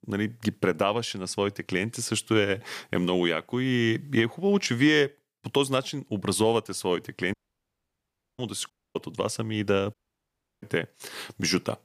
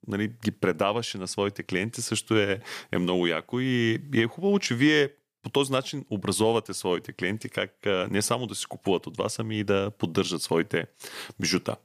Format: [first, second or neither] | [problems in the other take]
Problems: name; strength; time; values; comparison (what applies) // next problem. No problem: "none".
second | audio cutting out; at 7.5 s for 1 s, at 8.5 s and at 10 s for 0.5 s